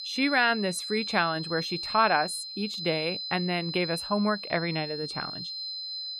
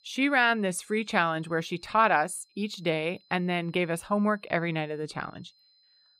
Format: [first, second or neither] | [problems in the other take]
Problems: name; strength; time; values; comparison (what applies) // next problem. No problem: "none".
second | high-pitched whine; loud; throughout; 4 kHz, 6 dB below the speech; faint in the second